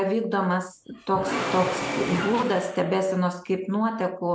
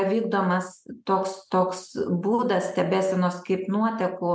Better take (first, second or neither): second